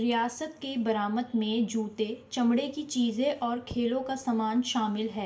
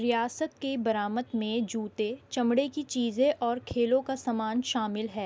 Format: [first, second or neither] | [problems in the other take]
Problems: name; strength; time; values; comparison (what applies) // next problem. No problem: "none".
second | room echo; dies away in 0.5 s